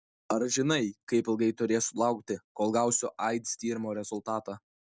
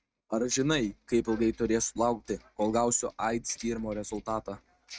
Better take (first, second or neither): first